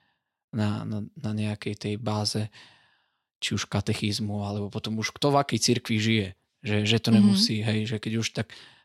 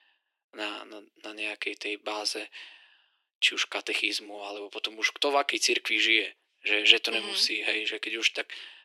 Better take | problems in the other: first | thin; very; fading below 300 Hz

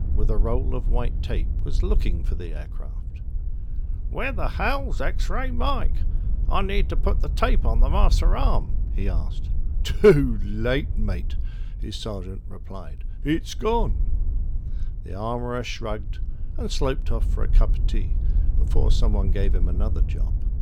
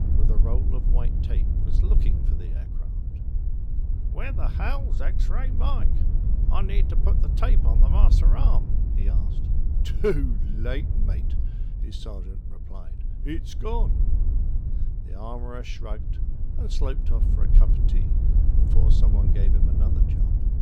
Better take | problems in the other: first | wind noise on the microphone; heavy; 7 dB below the speech; occasional gusts in the first

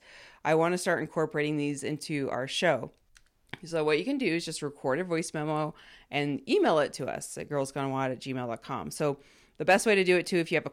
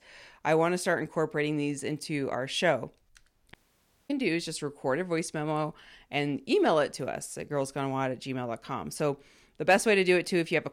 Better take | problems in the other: first | audio cutting out; at 3.5 s for 0.5 s

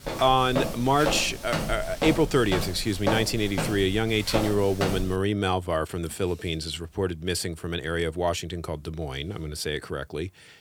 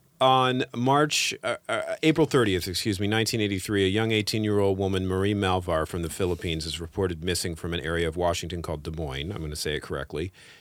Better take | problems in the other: second | footsteps; noticeable; until 5 s; peak 2 dB below the speech

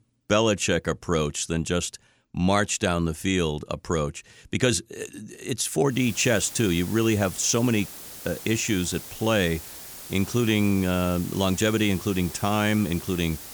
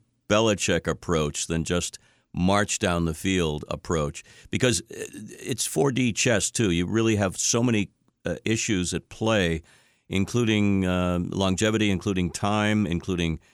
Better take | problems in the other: second | hiss; noticeable; from 6 s on; 15 dB below the speech

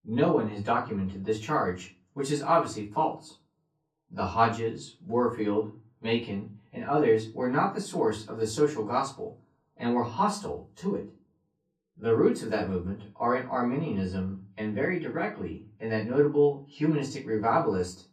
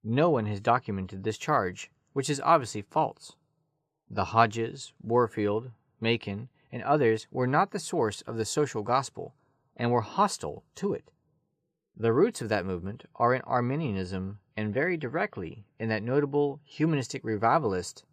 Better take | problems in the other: second | off-mic speech; far // room echo; very slight; dies away in 0.3 s

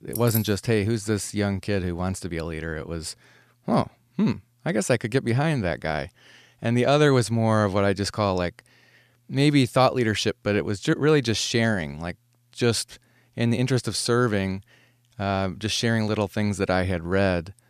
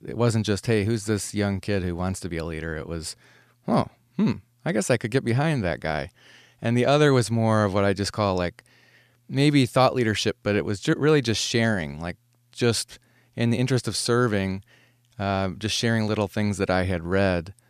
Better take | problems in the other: second | jangling keys; noticeable; at the start; peak 6 dB below the speech

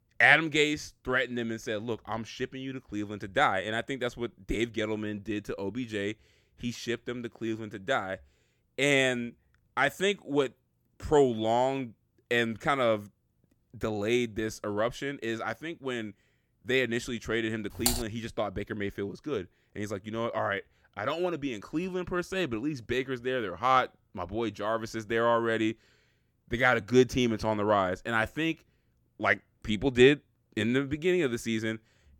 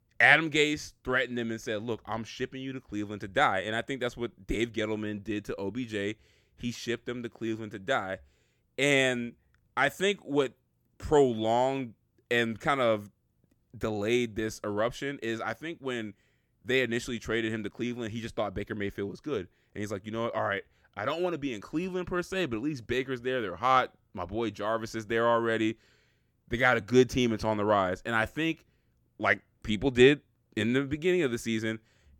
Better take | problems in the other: second | keyboard typing; loud; at 18 s; peak level with the speech

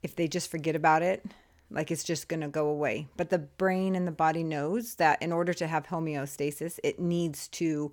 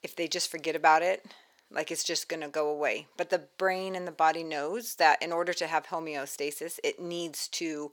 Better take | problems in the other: first | thin; somewhat; fading below 450 Hz

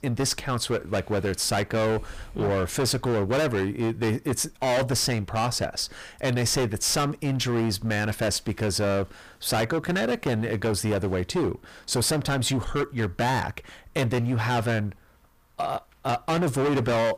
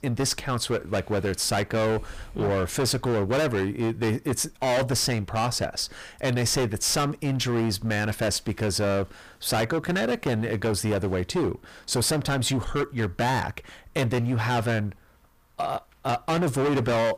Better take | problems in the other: neither | distortion; heavy; 21% of the sound clipped; the same in both

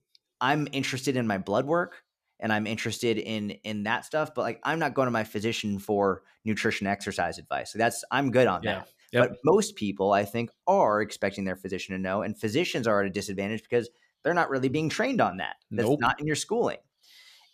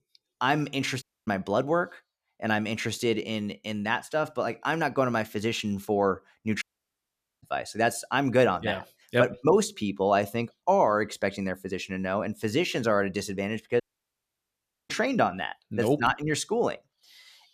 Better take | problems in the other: first | audio cutting out; at 1 s, at 6.5 s for 1 s and at 14 s for 1 s

